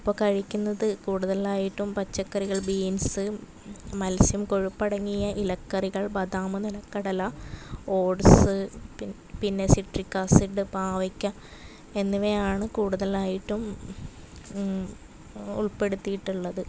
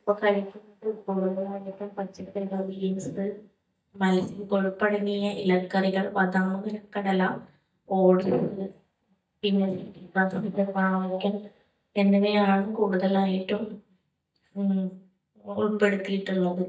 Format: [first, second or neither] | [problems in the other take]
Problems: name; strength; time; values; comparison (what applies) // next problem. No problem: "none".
first | noise reduction (neural mask model DeepFilterNet 3)